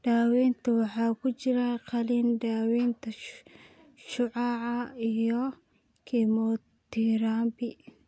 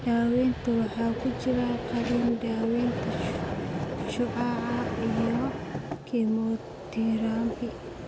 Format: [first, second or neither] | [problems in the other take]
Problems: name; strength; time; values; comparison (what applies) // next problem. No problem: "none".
first | background sound (Vehicle); 5 dB below the speech